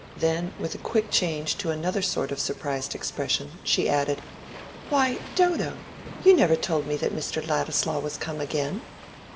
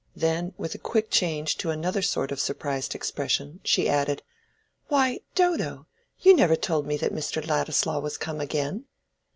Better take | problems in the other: second | background sound (Waves, surf); 16 dB below the speech // room echo; dies away in 2.2 s

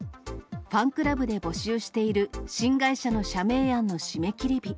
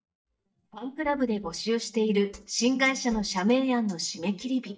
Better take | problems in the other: first | noise reduction (neural mask model DeepFilterNet 3)

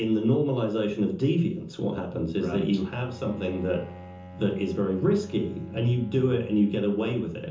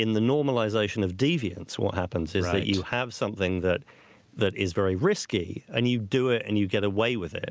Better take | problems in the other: second | background sound (Bowed string instrument); 18 dB below the speech // room echo; dies away in 0.6 s

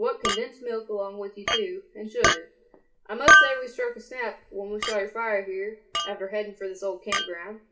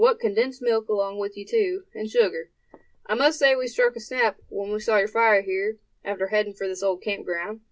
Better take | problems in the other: second | background sound (Chink, clink); 4 dB above the speech // room echo; dies away in 0.8 s

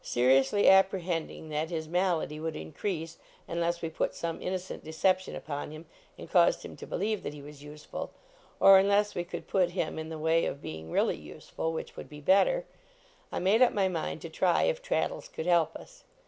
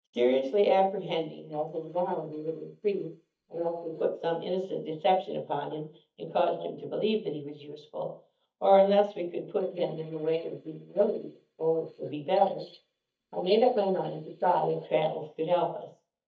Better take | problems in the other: first | noise reduction (neural mask model DeepFilterNet 3)

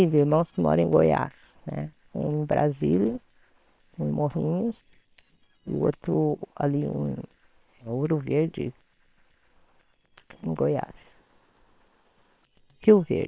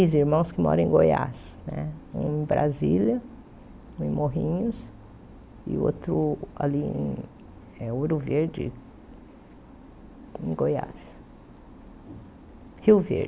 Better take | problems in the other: second | noise reduction (neural separator model SepFormer WHAM!)

